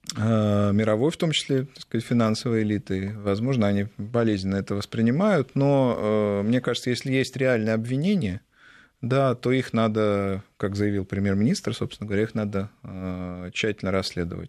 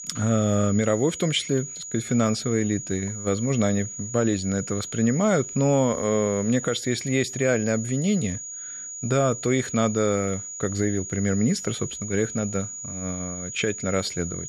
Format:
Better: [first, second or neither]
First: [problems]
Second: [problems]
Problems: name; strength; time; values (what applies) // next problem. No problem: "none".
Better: first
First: none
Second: high-pitched whine; loud; throughout; 7 kHz, 8 dB below the speech